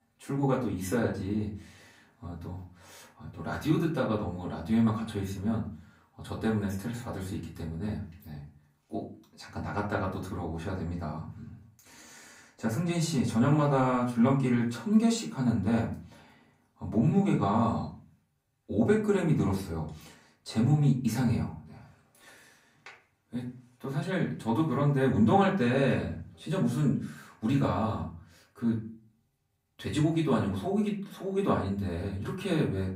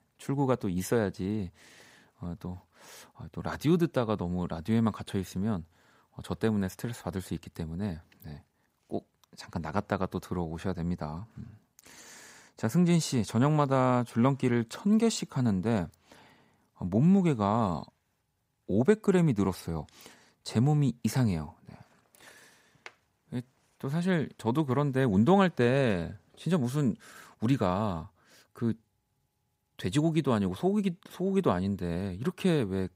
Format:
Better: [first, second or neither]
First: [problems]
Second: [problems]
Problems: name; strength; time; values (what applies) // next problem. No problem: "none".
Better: second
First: room echo; slight; dies away in 0.3 s // off-mic speech; far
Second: none